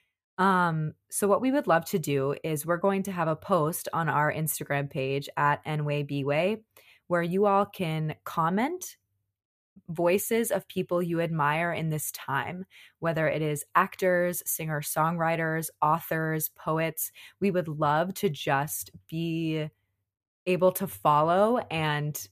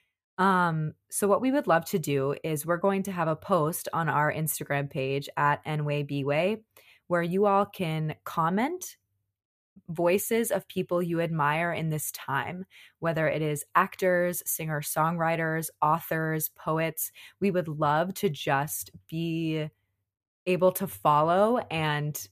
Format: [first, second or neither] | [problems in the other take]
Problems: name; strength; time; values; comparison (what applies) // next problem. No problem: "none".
neither | none